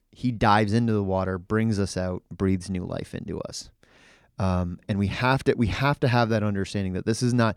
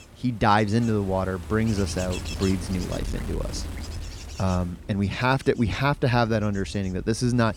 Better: first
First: none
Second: wind noise on the microphone; occasional gusts; 15 dB below the speech

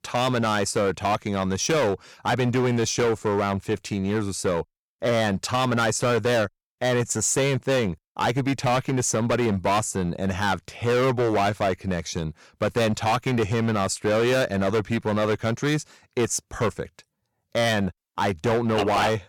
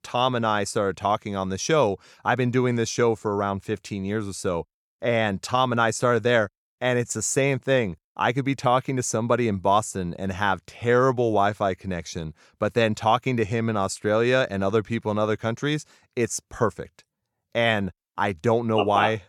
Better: second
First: distortion; heavy; 16% of the sound clipped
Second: none

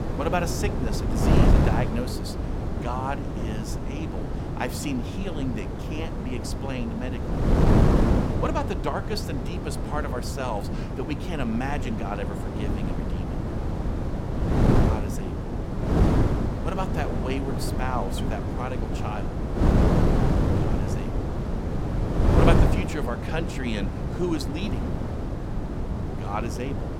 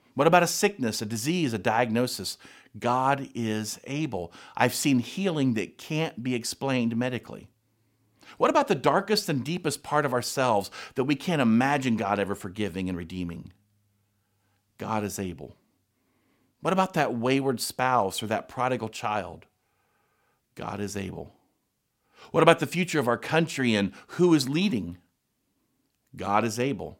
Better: second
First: wind noise on the microphone; heavy; as loud as the speech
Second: none

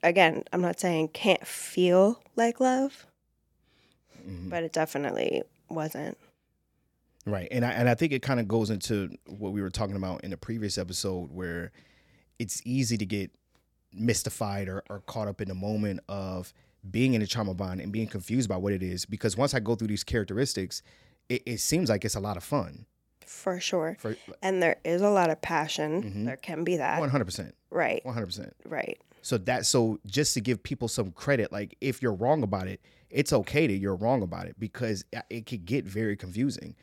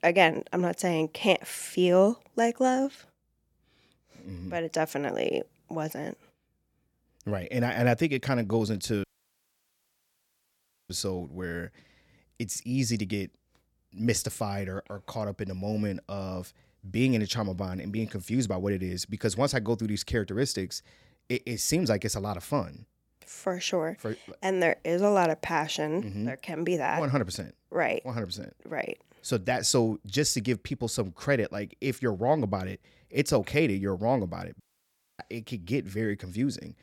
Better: first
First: none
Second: audio cutting out; at 9 s for 2 s and at 35 s for 0.5 s

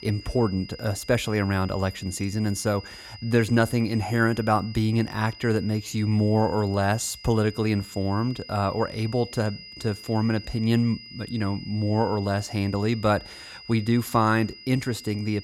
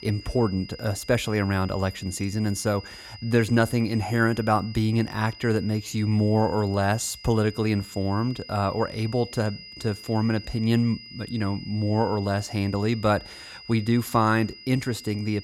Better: neither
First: high-pitched whine; noticeable; throughout; 5 kHz, 15 dB below the speech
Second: high-pitched whine; noticeable; throughout; 5 kHz, 15 dB below the speech

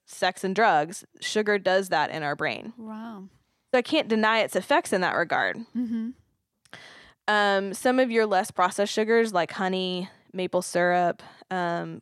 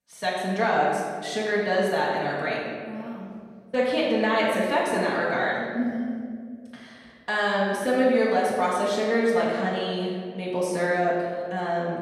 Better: first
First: none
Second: room echo; noticeable; dies away in 1.8 s // off-mic speech; far

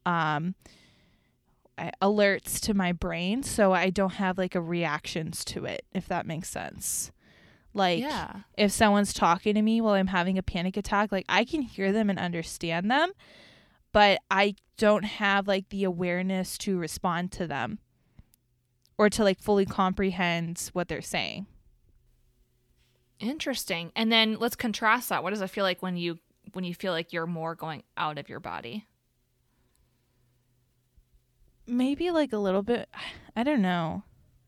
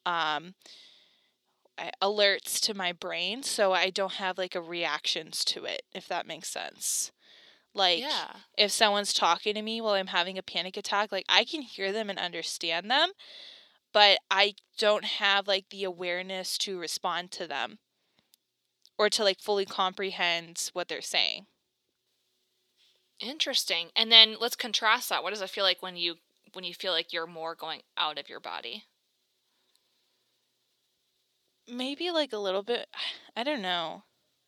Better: first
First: none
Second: thin; somewhat; fading below 450 Hz

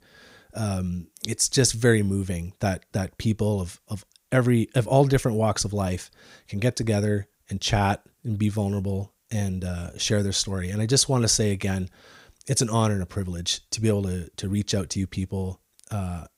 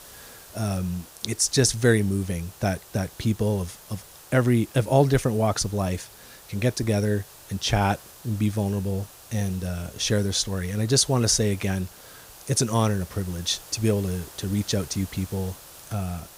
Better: first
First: none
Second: hiss; noticeable; throughout; 20 dB below the speech

